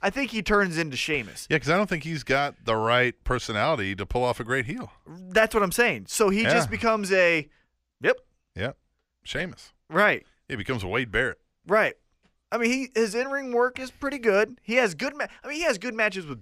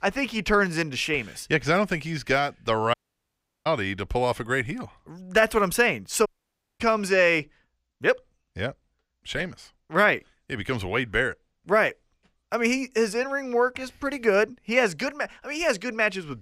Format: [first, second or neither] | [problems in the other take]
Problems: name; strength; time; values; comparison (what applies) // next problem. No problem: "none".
first | audio cutting out; at 3 s for 0.5 s and at 6.5 s for 0.5 s